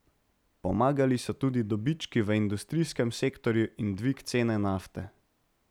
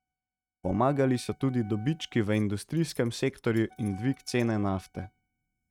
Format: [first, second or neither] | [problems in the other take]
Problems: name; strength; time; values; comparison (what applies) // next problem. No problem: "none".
first | noise reduction (neural mask model RNNoise)